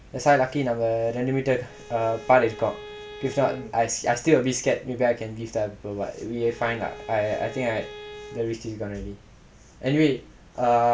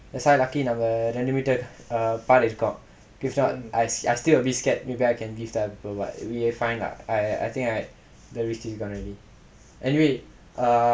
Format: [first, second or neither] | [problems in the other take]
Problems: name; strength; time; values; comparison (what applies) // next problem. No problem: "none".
second | background sound (Bowed string instrument); 17 dB below the speech